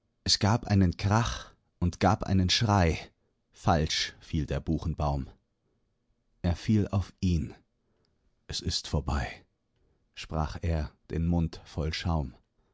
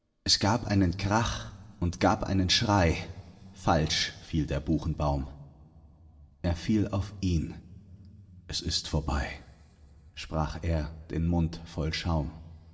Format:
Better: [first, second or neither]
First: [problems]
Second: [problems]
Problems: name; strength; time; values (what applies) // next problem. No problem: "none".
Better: first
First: none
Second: room echo; dies away in 1.8 s